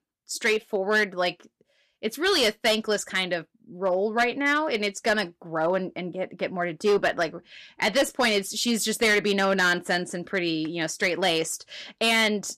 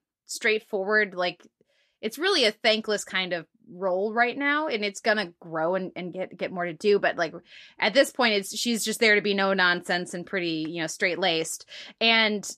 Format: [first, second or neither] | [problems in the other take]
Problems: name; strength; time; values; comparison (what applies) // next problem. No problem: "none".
second | distortion; slight; 4% of the sound clipped